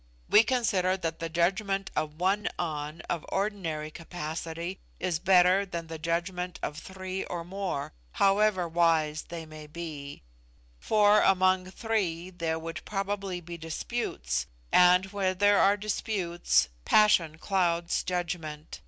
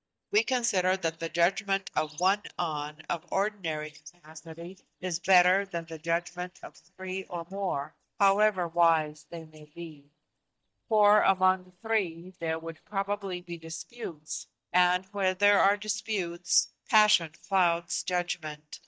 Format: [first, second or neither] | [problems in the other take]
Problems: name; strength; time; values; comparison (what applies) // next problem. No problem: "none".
first | noise reduction (neural mask model DeepFilterNet 3)